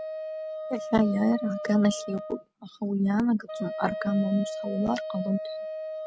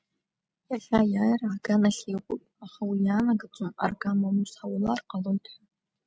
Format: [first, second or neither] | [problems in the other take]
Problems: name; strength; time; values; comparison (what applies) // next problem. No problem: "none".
second | background sound (Wind instrument, woodwind instrument); 8 dB below the speech